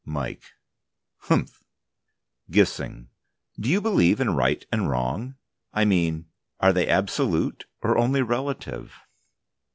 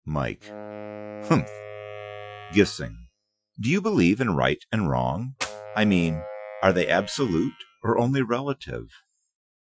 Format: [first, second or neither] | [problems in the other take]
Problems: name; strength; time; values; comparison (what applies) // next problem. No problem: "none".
first | noise reduction (classical method Wiener filter)